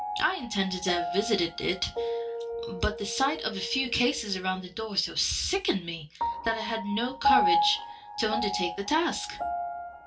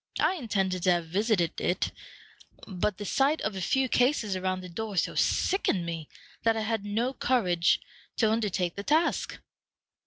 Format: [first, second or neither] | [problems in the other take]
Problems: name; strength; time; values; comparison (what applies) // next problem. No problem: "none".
second | background sound (Piano); 3 dB below the speech // room echo; dies away in 0.2 s